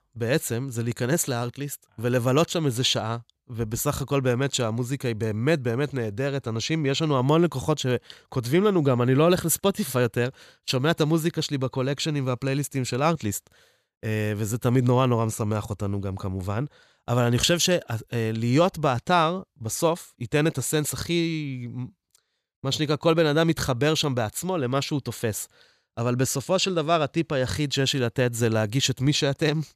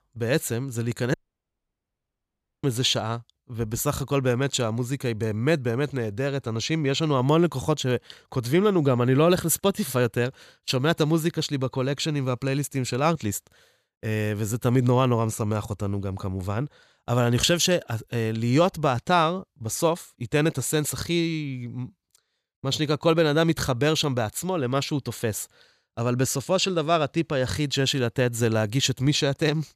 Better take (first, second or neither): first